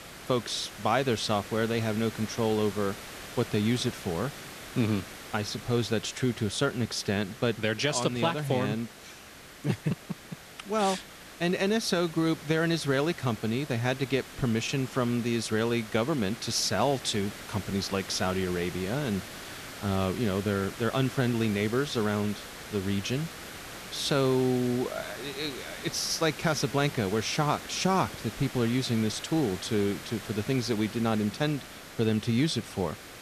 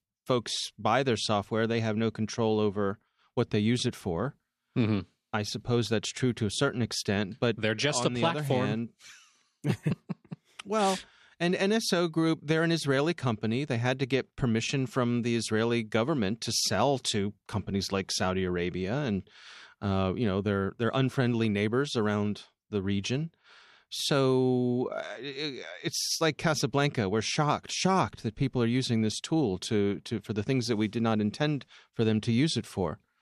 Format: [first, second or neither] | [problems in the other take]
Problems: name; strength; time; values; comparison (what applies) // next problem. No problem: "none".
second | hiss; noticeable; throughout; 15 dB below the speech